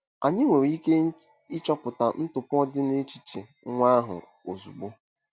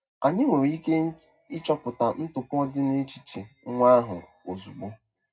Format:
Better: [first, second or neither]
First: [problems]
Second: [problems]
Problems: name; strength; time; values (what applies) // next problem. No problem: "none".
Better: first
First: none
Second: room echo; dies away in 0.3 s